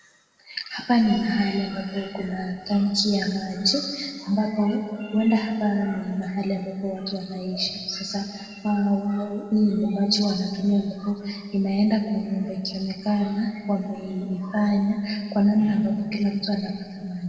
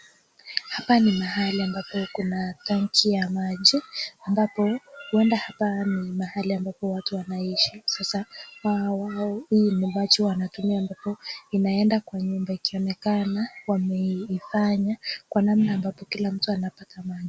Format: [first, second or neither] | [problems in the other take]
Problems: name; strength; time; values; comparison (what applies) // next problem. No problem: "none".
second | room echo; dies away in 1.9 s